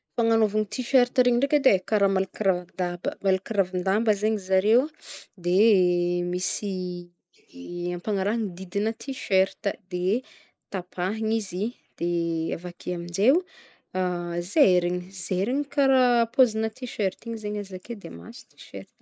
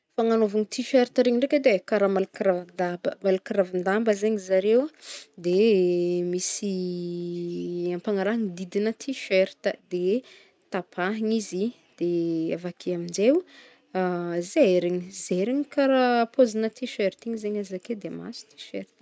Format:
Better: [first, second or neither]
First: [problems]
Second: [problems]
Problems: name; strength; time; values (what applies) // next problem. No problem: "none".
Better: second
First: noise reduction (neural mask model Resemble Enhance denoiser)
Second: none